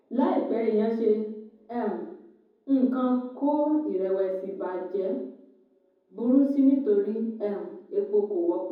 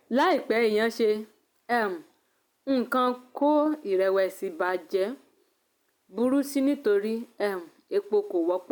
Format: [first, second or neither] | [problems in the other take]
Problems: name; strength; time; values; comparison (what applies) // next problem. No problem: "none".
second | room echo; dies away in 0.9 s